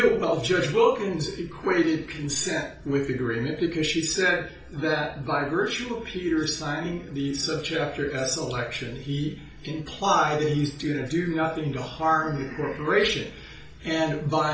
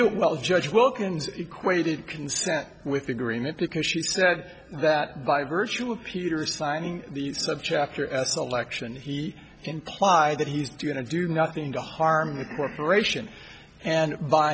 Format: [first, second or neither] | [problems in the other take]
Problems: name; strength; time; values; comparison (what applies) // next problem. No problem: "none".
second | room echo; dies away in 0.4 s